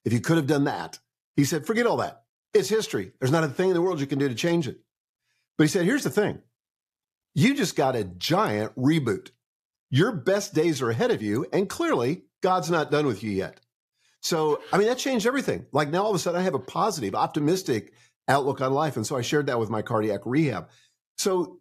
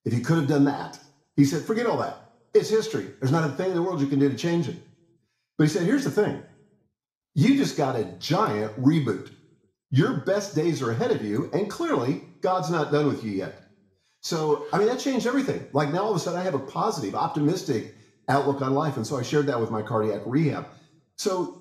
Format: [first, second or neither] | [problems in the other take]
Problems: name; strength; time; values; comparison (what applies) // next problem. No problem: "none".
first | room echo; slight; dies away in 0.5 s // off-mic speech; somewhat distant